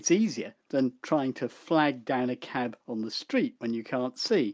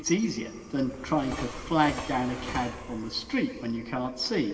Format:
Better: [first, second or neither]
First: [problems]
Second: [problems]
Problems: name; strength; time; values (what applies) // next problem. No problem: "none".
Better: first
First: none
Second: background sound (Train); 12 dB below the speech // room echo; dies away in 2.2 s